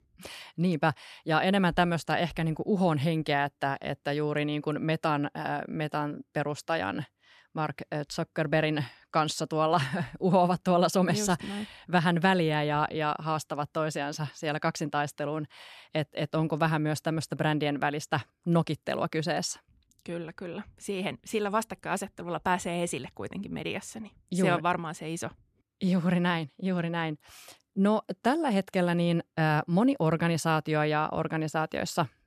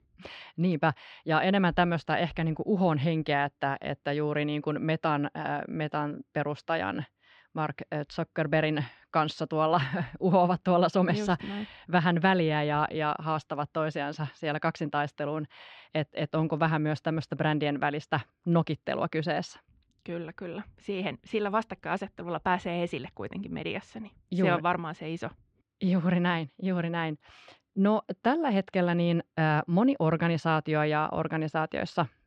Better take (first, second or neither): first